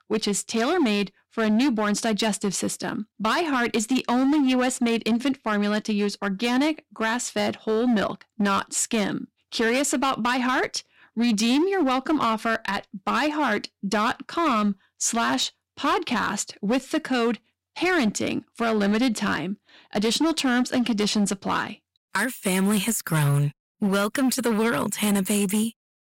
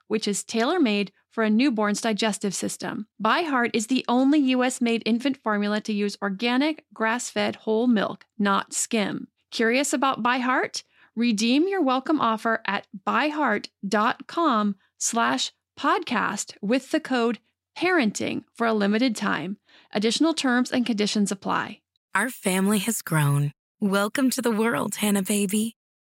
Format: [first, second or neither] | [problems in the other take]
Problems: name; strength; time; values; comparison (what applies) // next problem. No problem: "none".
second | distortion; slight; 11% of the sound clipped